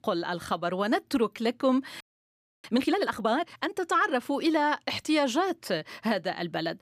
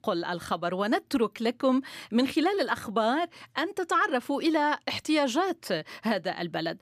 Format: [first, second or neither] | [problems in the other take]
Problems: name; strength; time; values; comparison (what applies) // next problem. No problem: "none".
second | audio freezing; at 2 s for 0.5 s